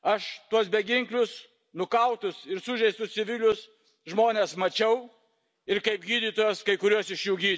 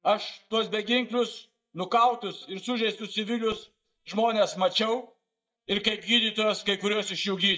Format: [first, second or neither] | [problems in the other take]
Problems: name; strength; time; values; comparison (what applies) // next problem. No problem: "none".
first | noise reduction (neural mask model DeepFilterNet 3)